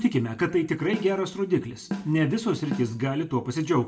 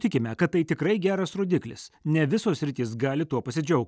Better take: second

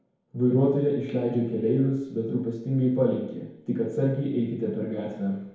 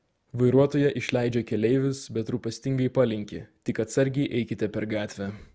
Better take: second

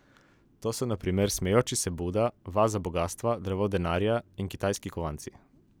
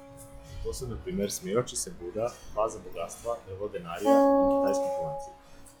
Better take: first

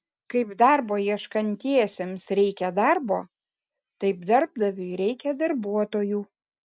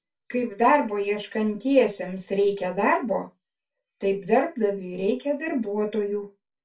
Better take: first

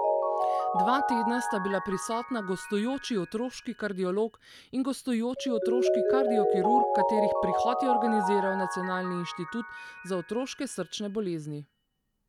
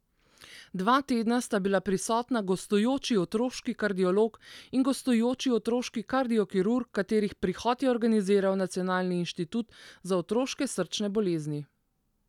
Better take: second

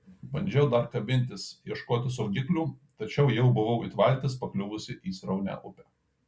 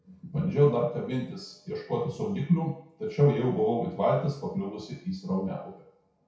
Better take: first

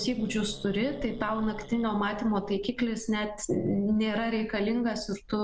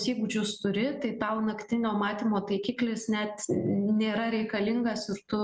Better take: second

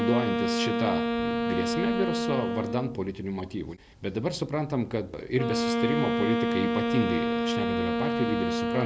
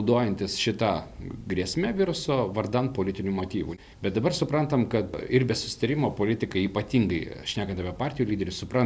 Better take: second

